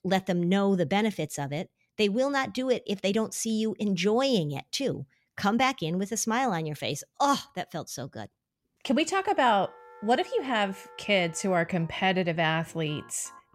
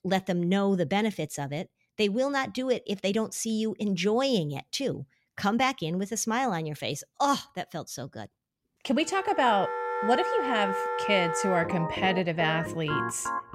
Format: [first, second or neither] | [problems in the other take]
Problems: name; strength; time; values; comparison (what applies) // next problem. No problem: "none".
first | background music; loud; from 9.5 s on; 3 dB below the speech; faint in the first